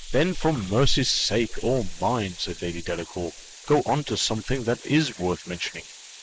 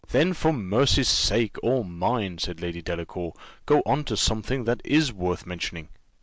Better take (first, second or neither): second